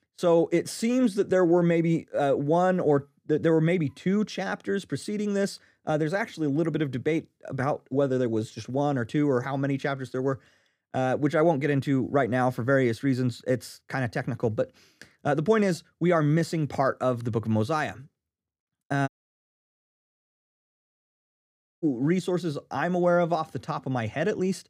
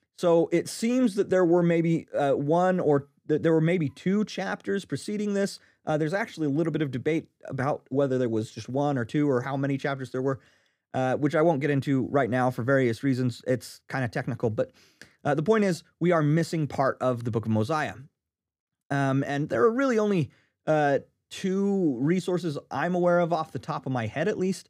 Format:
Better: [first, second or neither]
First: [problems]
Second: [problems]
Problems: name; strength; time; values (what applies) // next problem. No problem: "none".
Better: second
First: audio cutting out; at 19 s for 2.5 s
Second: none